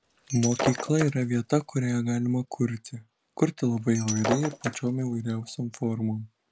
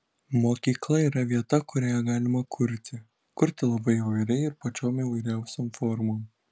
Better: second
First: background sound (Shatter); 7 dB below the speech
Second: none

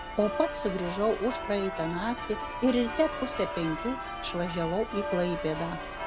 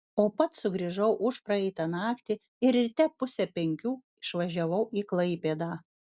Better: second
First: background sound (Church bell); 6 dB below the speech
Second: none

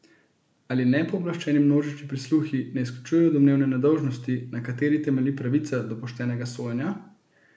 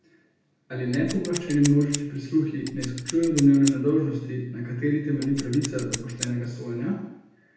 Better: first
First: none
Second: background sound (Scissors); 11 dB below the speech // room echo; dies away in 0.8 s

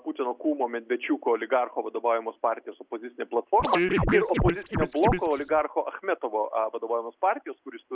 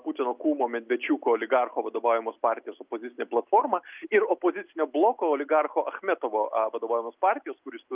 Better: second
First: background sound (Scratching (performance technique)); 1 dB above the speech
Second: none

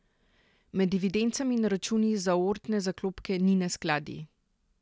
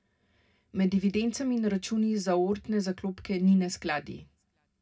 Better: first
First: none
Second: room echo; dies away in 0.2 s

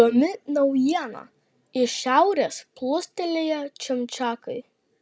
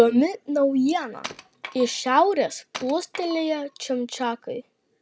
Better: first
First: none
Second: background sound (Wood); 18 dB below the speech

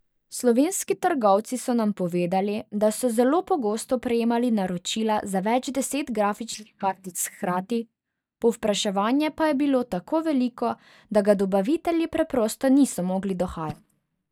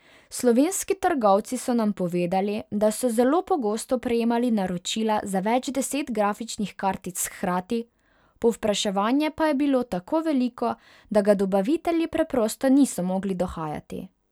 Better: second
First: noise reduction (neural mask model DeepFilterNet 3)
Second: none

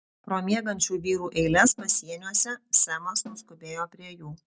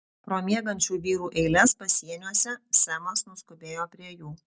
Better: second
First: background sound (Snare drum); 18 dB below the speech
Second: none

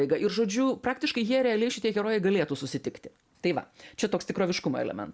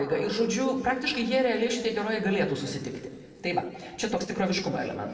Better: first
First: none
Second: room echo; dies away in 1.9 s

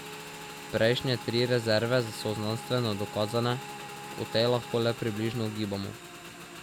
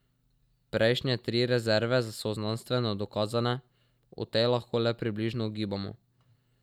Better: second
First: background sound (Motorcycle / Engine); 12 dB below the speech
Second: none

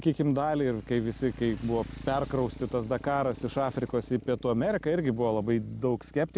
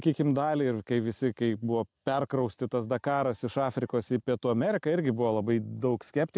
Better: second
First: background sound (Motorcycle); 16 dB below the speech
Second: none

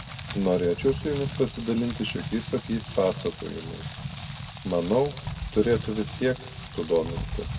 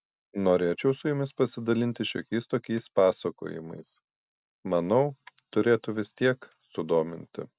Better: second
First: background sound (Rain); 8 dB below the speech // room echo; dies away in 1 s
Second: none

